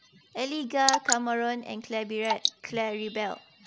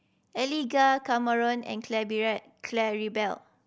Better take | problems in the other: second | background sound (Drip / Water); 3 dB below the speech

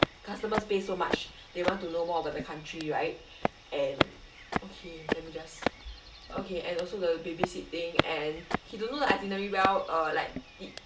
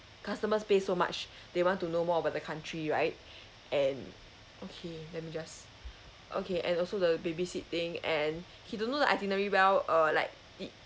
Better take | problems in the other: second | background sound (Walk, footsteps); 3 dB below the speech // room echo; dies away in 0.3 s

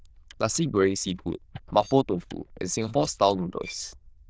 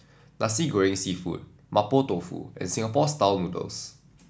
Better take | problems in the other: second | noise reduction (neural diffusion model UNIVERSE++)

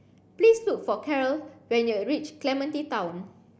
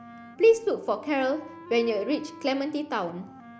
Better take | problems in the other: first | background sound (Wind instrument, woodwind instrument); 19 dB below the speech

